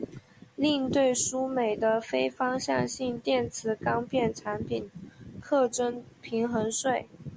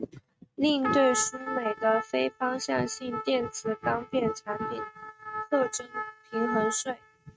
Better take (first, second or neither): first